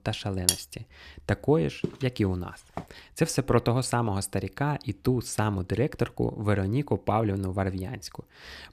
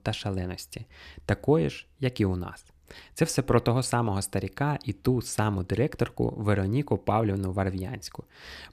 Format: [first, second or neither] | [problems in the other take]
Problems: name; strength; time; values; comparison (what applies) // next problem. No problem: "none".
second | clattering dishes; loud; at 0.5 s; peak 2 dB above the speech // footsteps; noticeable; at 2 s; peak 8 dB below the speech